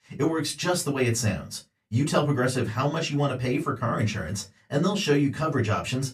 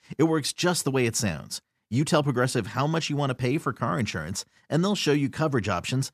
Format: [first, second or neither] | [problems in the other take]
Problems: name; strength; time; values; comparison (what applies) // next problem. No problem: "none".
second | off-mic speech; far // room echo; very slight; dies away in 0.2 s